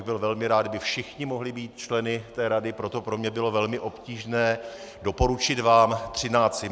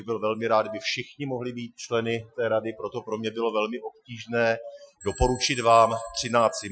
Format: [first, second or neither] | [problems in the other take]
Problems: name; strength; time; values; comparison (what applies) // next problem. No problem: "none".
first | noise reduction (classical method Wiener filter)